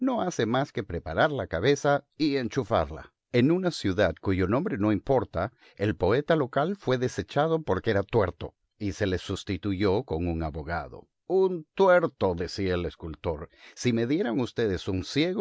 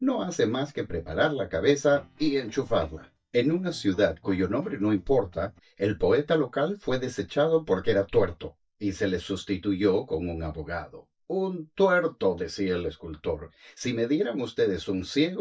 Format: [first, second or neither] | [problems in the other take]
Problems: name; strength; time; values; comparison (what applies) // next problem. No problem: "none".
first | noise reduction (neural mask model DeepFilterNet 3)